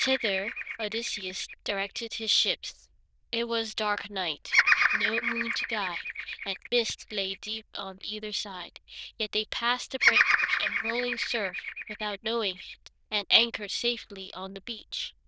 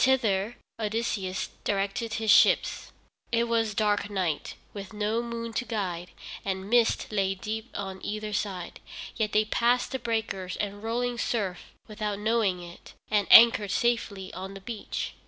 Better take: second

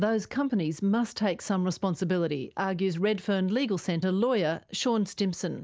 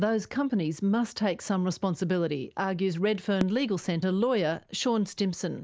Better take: first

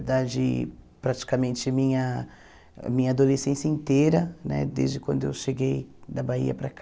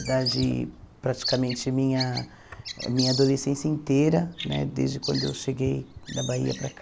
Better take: first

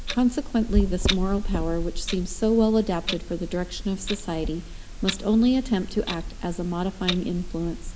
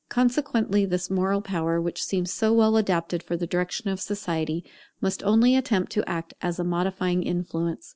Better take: second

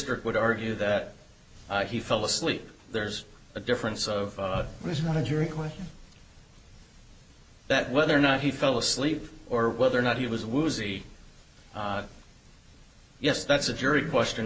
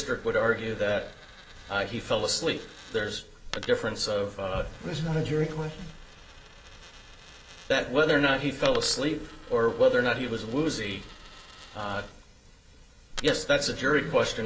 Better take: first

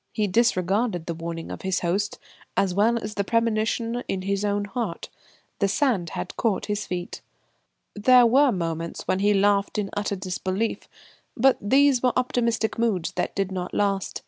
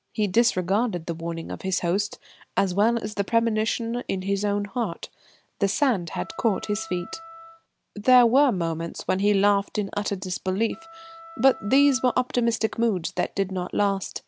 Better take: first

